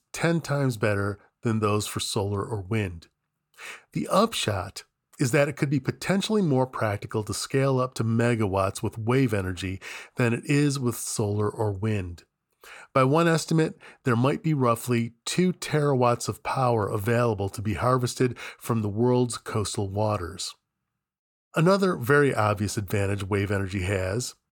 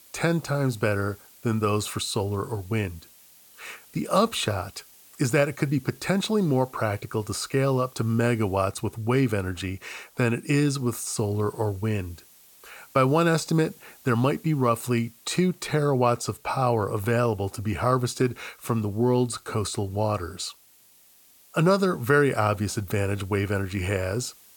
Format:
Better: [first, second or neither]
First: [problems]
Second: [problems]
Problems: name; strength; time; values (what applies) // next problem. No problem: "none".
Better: first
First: none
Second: hiss; faint; throughout; 25 dB below the speech